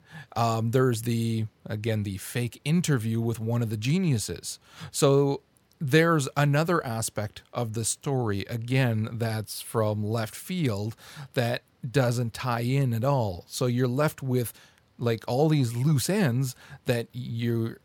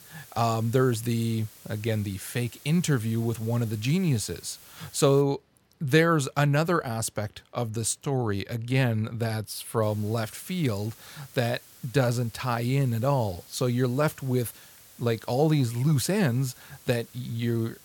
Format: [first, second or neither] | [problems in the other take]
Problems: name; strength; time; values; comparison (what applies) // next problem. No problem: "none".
first | hiss; faint; until 5 s and from 10 s on; 20 dB below the speech